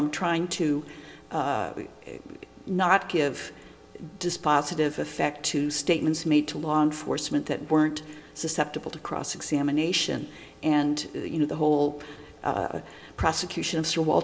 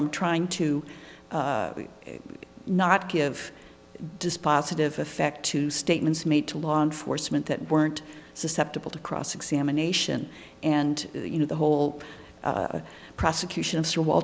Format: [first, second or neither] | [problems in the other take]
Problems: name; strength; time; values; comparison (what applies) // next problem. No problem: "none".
second | room echo; dies away in 0.3 s